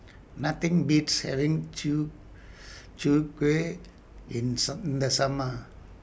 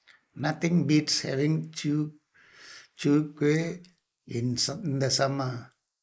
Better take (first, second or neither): first